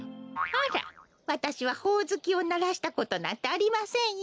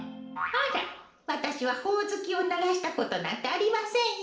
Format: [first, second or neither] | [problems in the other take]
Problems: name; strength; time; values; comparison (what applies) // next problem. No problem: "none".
first | room echo; dies away in 0.6 s